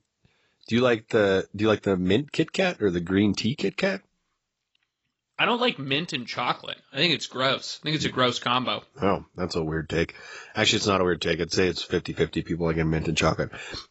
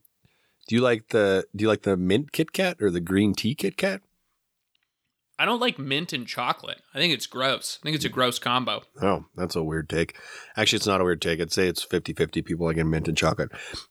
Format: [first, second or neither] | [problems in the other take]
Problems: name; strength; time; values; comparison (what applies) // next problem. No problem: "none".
second | garbled, watery; badly; nothing above 8 kHz